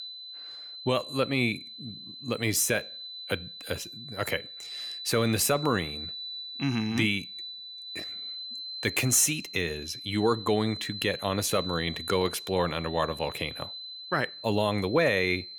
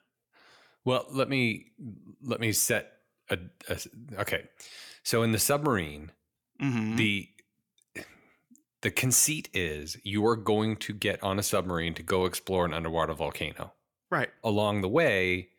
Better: second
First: high-pitched whine; loud; throughout; 4 kHz, 10 dB below the speech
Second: none

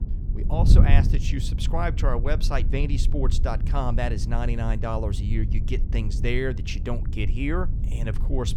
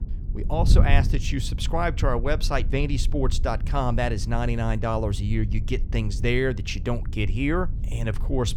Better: second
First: wind noise on the microphone; heavy; 9 dB below the speech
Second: wind noise on the microphone; occasional gusts; 15 dB below the speech

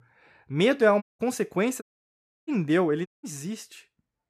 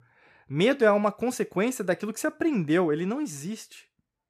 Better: second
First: audio cutting out; at 1 s, at 2 s for 0.5 s and at 3 s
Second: none

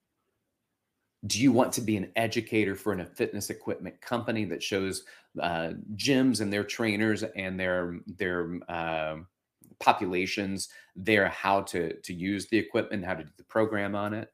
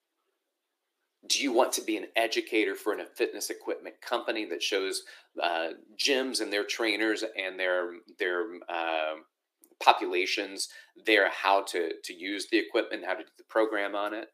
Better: first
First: none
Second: thin; somewhat; fading below 350 Hz

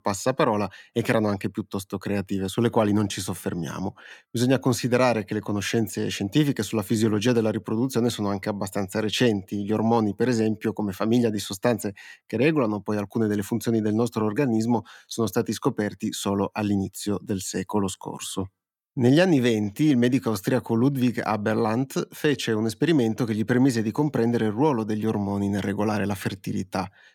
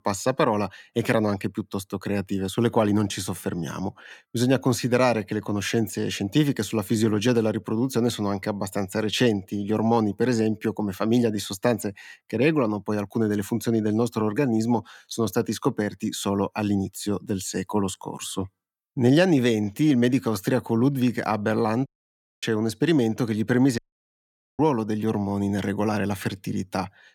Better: first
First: none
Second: audio cutting out; at 22 s for 0.5 s and at 24 s for 1 s

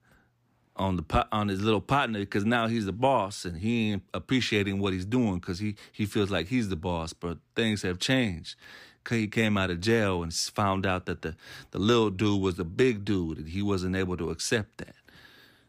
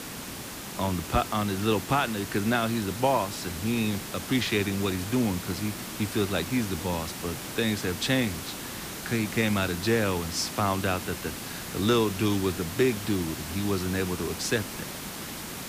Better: first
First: none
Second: hiss; loud; throughout; 8 dB below the speech

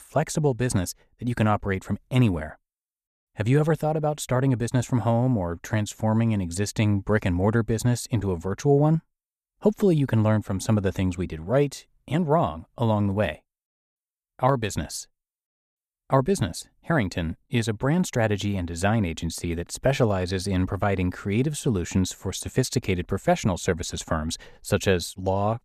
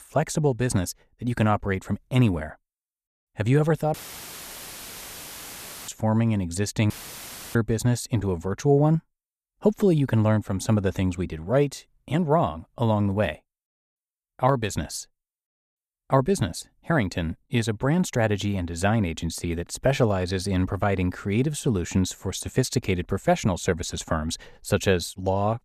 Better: first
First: none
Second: audio cutting out; filled with static; at 4 s for 2 s and at 7 s for 0.5 s

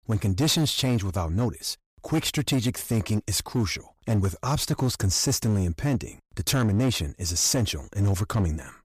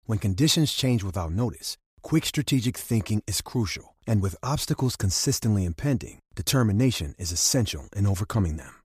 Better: second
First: distortion; slight; 10% of the sound clipped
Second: none

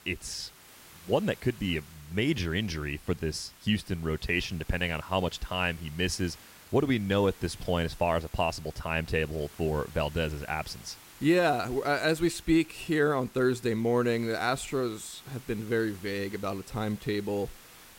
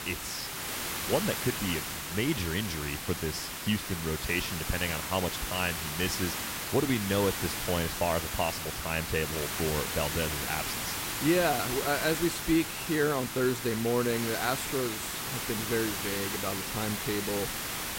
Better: first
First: hiss; faint; throughout; 20 dB below the speech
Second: hiss; loud; throughout; 2 dB below the speech

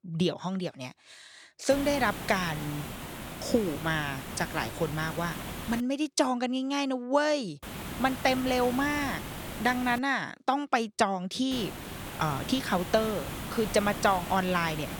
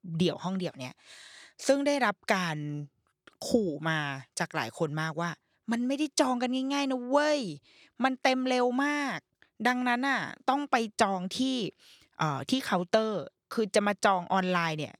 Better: second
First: hiss; loud; from 1.5 to 6 s, from 7.5 to 10 s and from 12 s on; 9 dB below the speech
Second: none

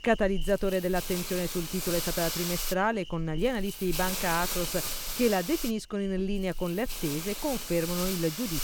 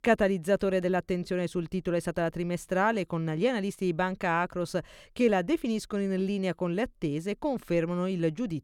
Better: second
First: hiss; loud; throughout; 4 dB below the speech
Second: none

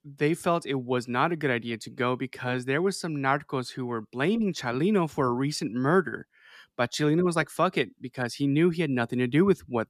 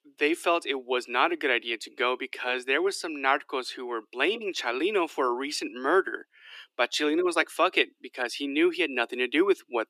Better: first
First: none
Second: thin; somewhat; fading below 300 Hz

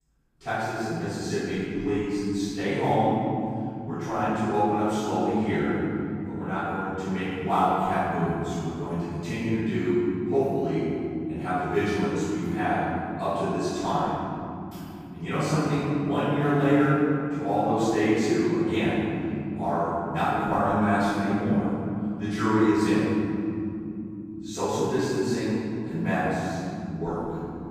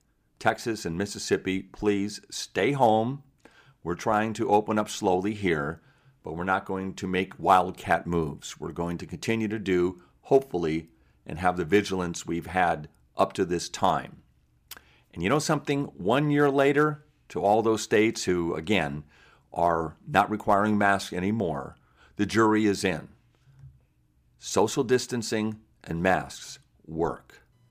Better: second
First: off-mic speech; far // room echo; strong; dies away in 3 s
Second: none

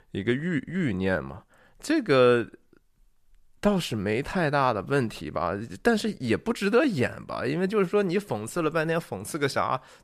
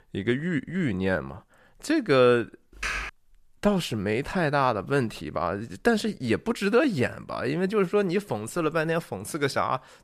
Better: first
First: none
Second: keyboard typing; noticeable; at 3 s; peak 4 dB below the speech

